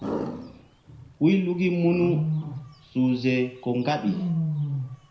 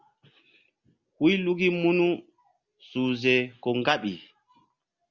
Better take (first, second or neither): second